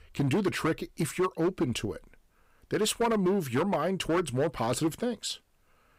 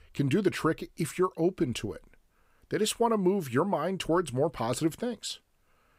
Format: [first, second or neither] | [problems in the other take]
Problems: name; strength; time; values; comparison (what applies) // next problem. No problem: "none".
second | distortion; slight; 8% of the sound clipped